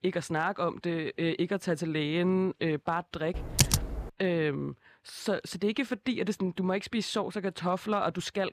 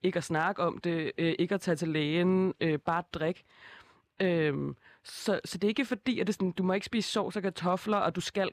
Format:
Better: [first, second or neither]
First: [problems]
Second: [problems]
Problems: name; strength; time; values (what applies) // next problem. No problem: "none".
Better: second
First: keyboard typing; loud; at 3.5 s; peak 6 dB above the speech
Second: none